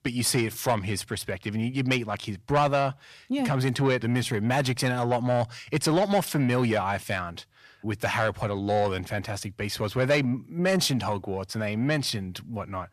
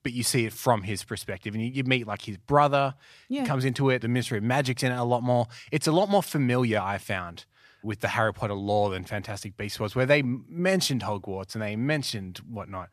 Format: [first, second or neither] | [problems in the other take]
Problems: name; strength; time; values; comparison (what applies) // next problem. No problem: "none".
second | distortion; slight; 10 dB below the speech